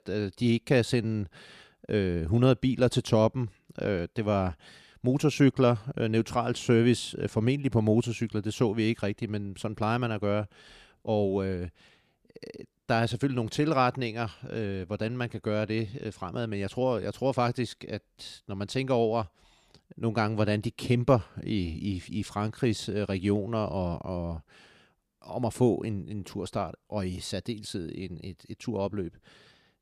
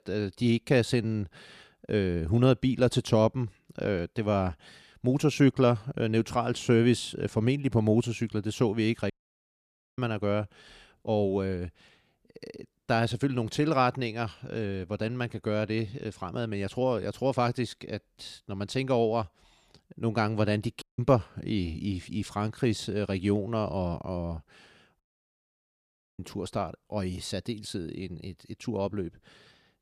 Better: first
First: none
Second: audio cutting out; at 9 s for 1 s, at 21 s and at 25 s for 1 s

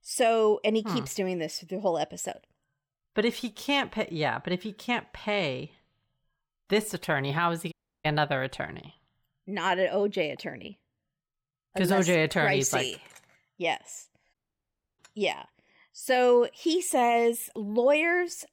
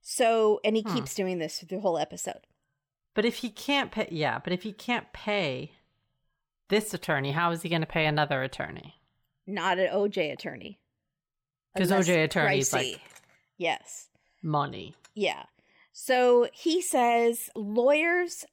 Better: second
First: audio cutting out; at 7.5 s and at 14 s for 0.5 s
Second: none

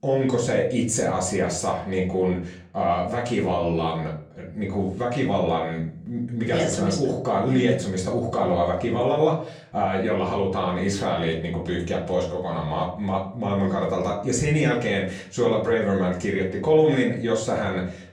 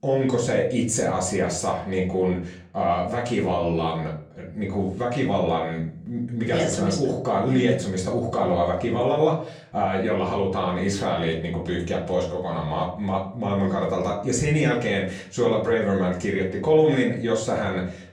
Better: neither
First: off-mic speech; far // room echo; slight; dies away in 0.4 s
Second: off-mic speech; far // room echo; slight; dies away in 0.4 s

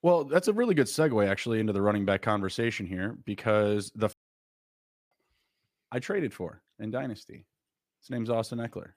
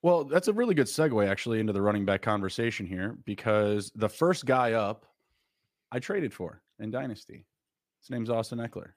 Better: second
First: audio cutting out; at 4 s for 1 s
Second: none

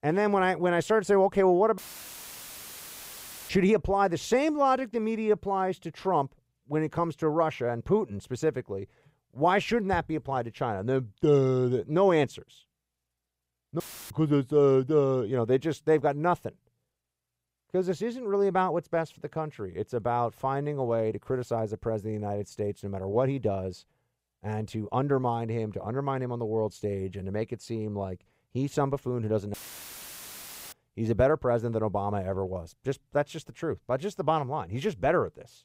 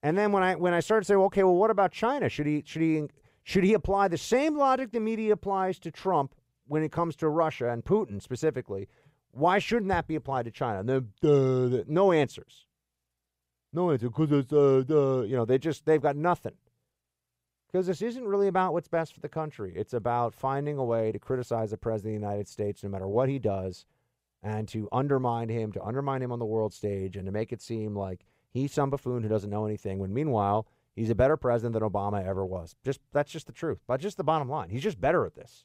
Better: second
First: audio cutting out; filled with static; at 2 s for 1.5 s, at 14 s and at 30 s for 1 s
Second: none

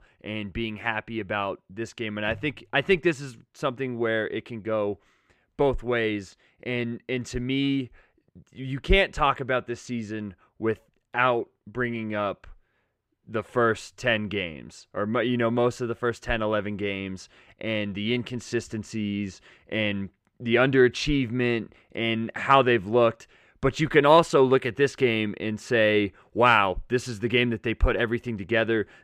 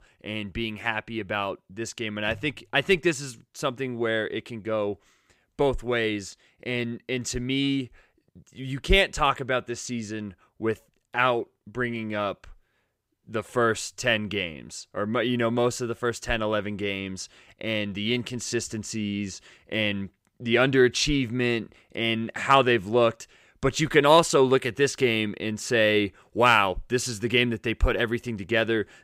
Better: second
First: muffled; slightly; fading above 4 kHz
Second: none

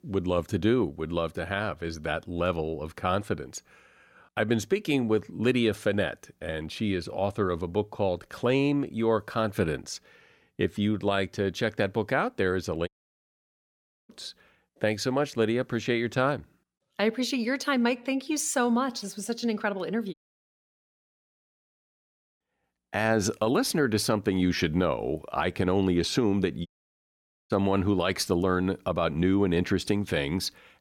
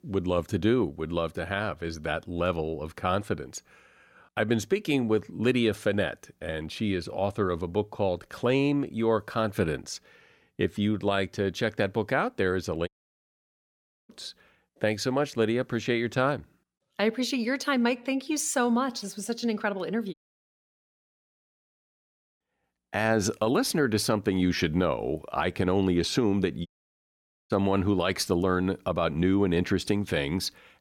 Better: neither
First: audio cutting out; at 13 s for 1 s, at 20 s for 2 s and at 27 s for 1 s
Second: audio cutting out; at 13 s for 1 s, at 20 s for 2 s and at 27 s for 1 s

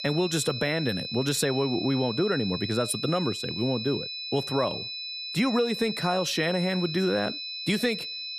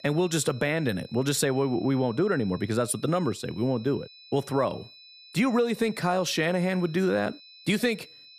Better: second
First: high-pitched whine; loud; throughout; 4 kHz, 5 dB below the speech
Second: high-pitched whine; faint; throughout; 4 kHz, 20 dB below the speech

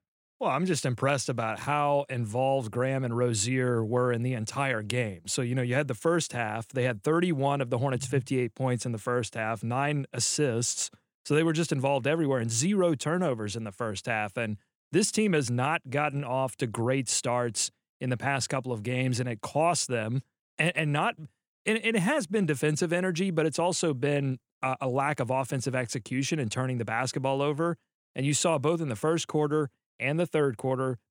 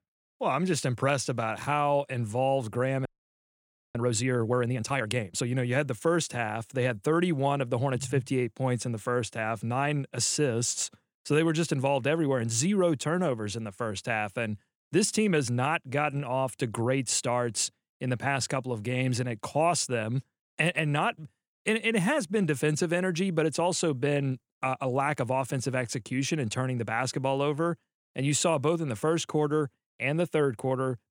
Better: first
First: none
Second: audio freezing; at 3 s for 1 s

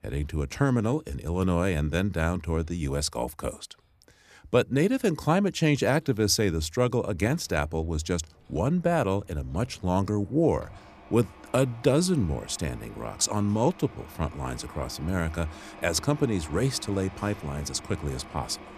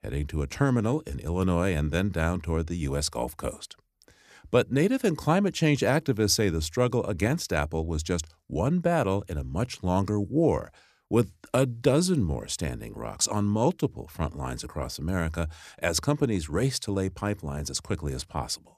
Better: second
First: machinery noise; faint; throughout; 20 dB below the speech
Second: none

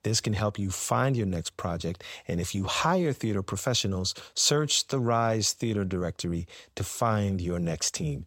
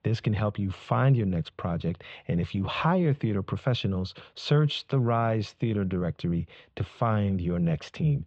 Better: first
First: none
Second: muffled; very; fading above 3 kHz

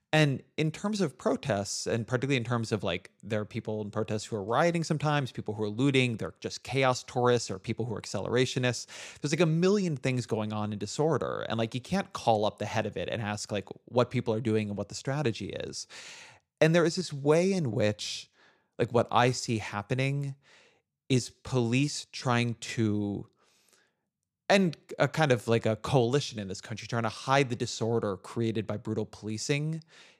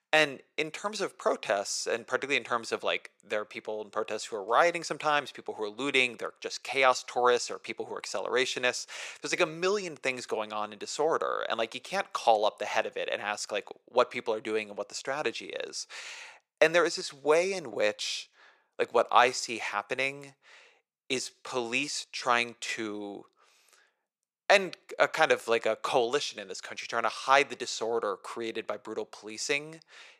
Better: first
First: none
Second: thin; very; fading below 550 Hz

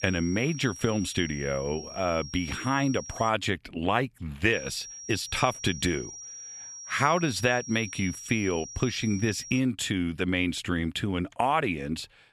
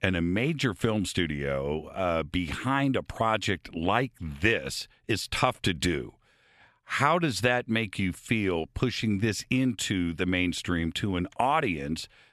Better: second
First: high-pitched whine; noticeable; until 3.5 s and from 4.5 to 9.5 s; 5.5 kHz, 10 dB below the speech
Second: none

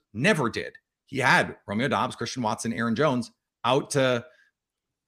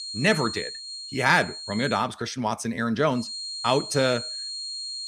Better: first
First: none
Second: high-pitched whine; loud; until 2 s and from 3 s on; 4 kHz, 8 dB below the speech

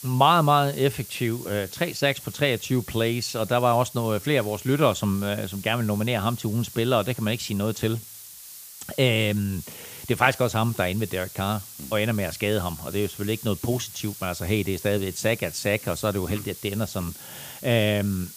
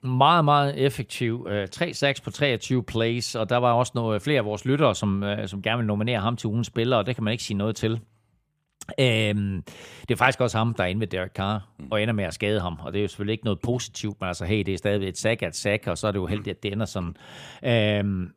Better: second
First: hiss; noticeable; throughout; 15 dB below the speech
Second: none

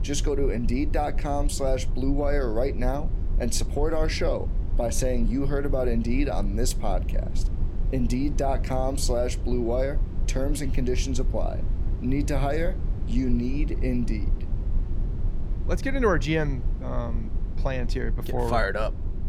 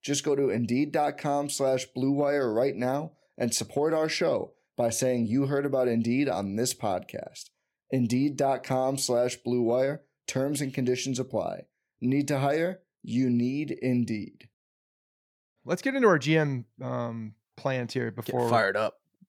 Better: second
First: low rumble; noticeable; throughout; 15 dB below the speech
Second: none

